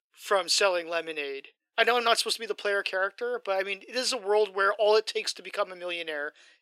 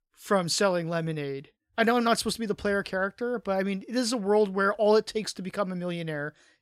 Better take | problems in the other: second | thin; very; fading below 350 Hz

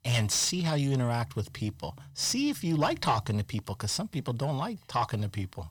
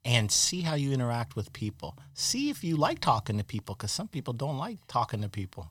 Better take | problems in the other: second | distortion; slight; 10 dB below the speech

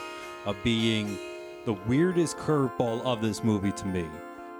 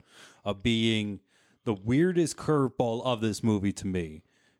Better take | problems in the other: second | background music; noticeable; throughout; 10 dB below the speech

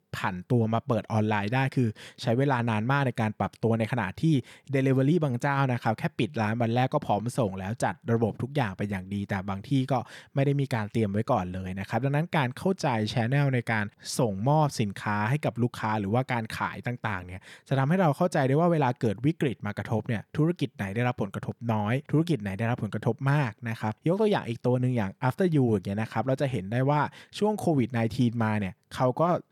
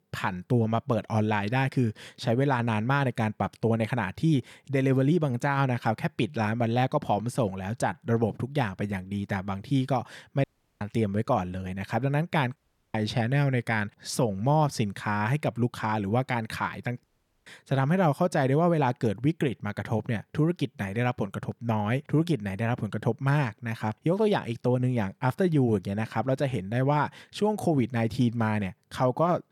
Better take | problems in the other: first | audio cutting out; at 10 s, at 13 s and at 17 s

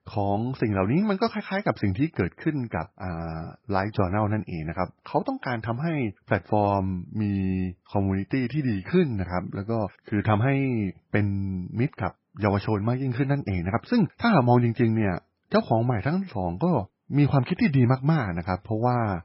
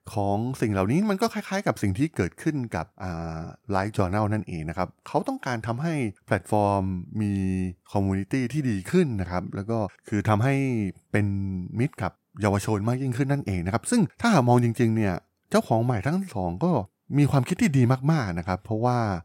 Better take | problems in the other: second | garbled, watery; badly; nothing above 5.5 kHz

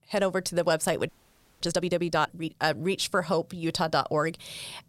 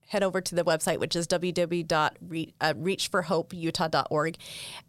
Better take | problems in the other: second | audio freezing; at 1 s for 0.5 s

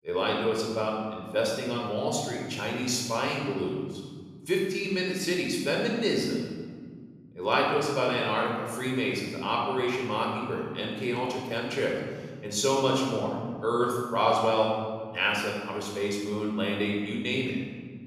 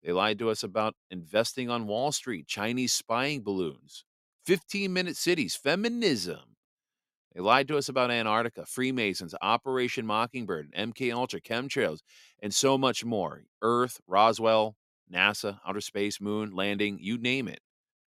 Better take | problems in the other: second | room echo; noticeable; dies away in 1.9 s // off-mic speech; somewhat distant

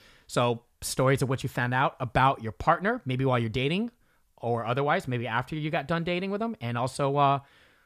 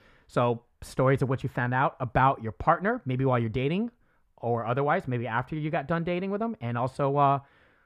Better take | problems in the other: first | muffled; slightly; fading above 3 kHz

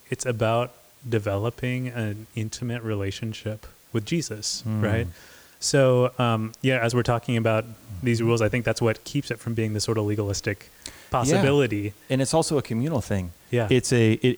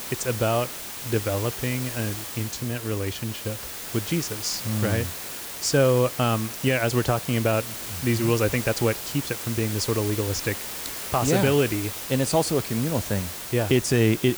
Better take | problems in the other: first | hiss; loud; throughout; 7 dB below the speech; faint in the first

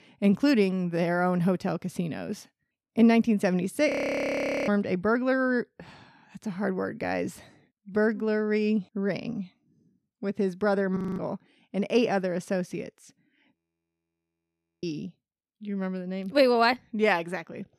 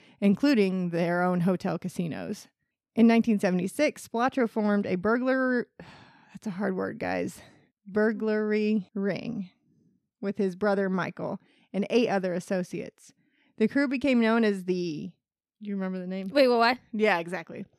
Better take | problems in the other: second | audio freezing; at 4 s for 1 s, at 11 s and at 14 s for 1.5 s

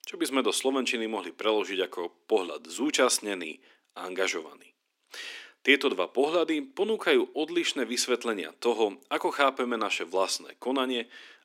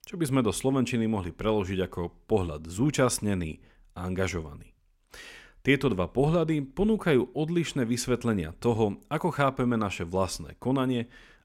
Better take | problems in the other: second | thin; somewhat; fading below 300 Hz

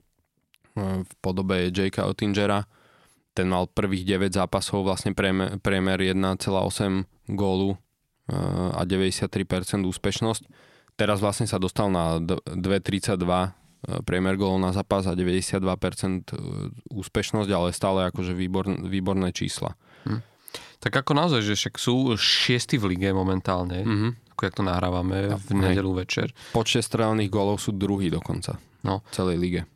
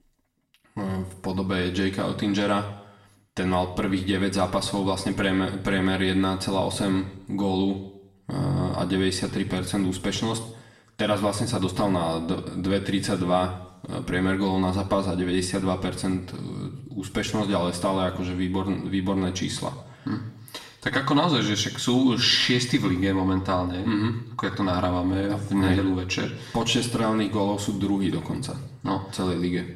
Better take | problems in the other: first | room echo; slight; dies away in 0.6 s // off-mic speech; far

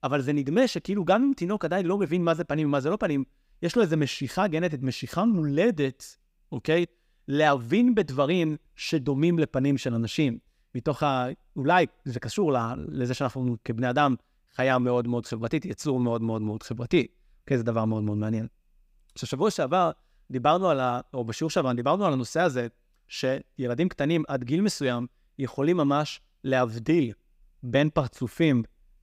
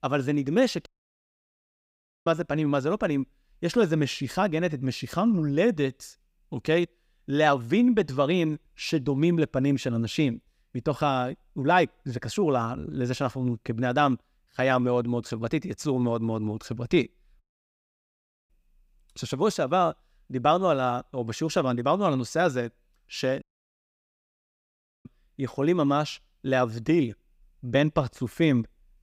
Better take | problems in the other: first | audio cutting out; at 1 s for 1.5 s, at 17 s for 1 s and at 23 s for 1.5 s

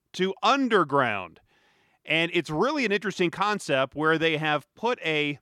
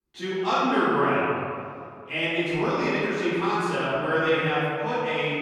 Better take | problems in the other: first | off-mic speech; far // room echo; strong; dies away in 2.1 s

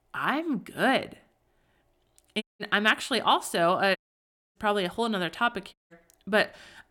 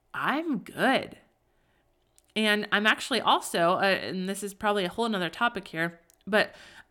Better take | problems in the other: second | audio cutting out; at 2.5 s, at 4 s for 0.5 s and at 5.5 s

